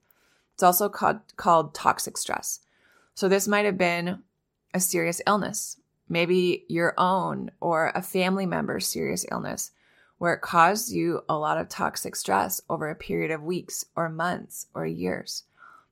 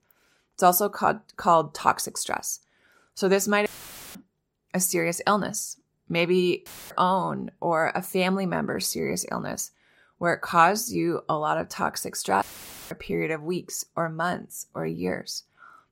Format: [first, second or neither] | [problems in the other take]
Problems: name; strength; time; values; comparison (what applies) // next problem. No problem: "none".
first | audio cutting out; filled with static; at 3.5 s, at 6.5 s and at 12 s